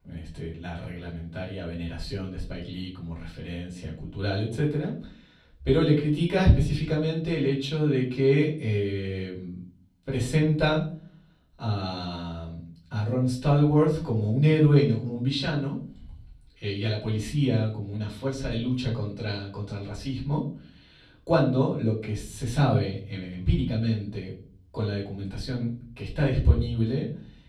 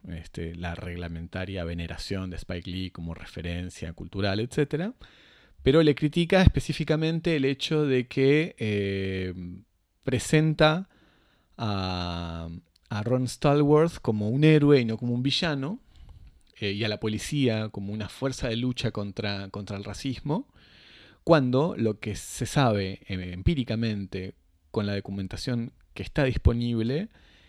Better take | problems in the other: second | off-mic speech; far // room echo; slight; dies away in 0.5 s

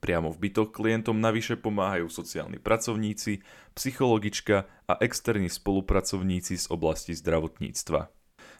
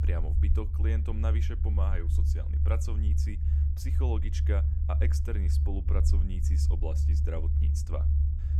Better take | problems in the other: first | low rumble; loud; throughout; 3 dB below the speech

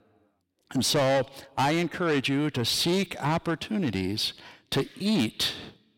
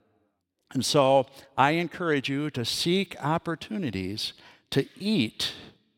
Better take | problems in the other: second | distortion; heavy; 6 dB below the speech

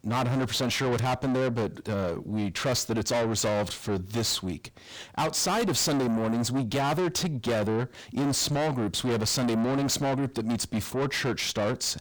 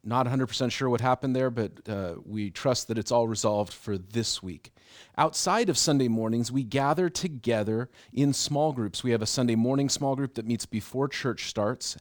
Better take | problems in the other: second | distortion; heavy; 6 dB below the speech

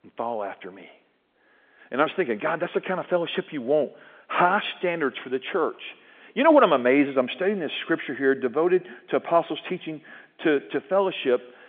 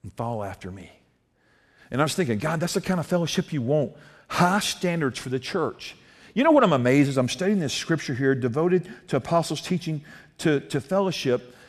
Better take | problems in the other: second | phone-call audio; nothing above 3.5 kHz

